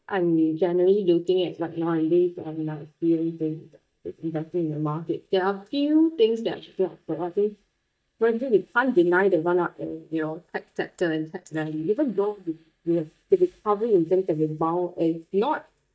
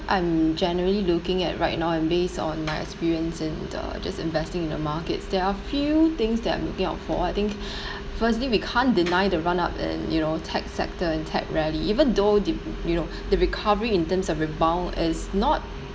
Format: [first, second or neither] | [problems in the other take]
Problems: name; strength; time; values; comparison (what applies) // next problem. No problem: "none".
second | noise reduction (neural mask model DeepFilterNet 3)